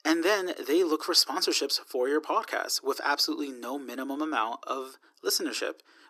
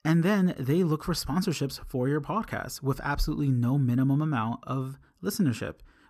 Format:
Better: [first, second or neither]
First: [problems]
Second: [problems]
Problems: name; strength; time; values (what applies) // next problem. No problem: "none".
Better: second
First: thin; very; fading below 300 Hz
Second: none